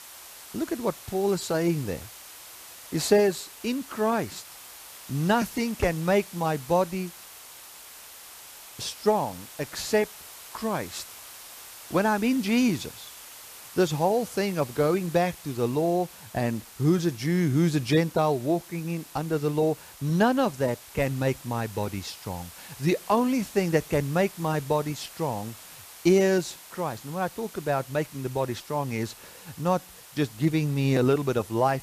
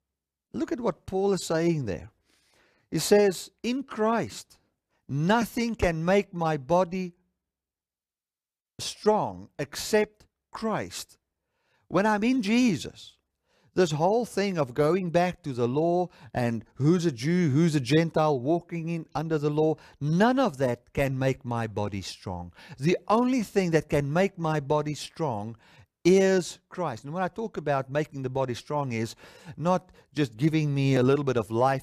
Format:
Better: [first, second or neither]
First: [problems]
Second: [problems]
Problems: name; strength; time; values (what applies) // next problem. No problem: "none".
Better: second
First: hiss; noticeable; throughout; 15 dB below the speech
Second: none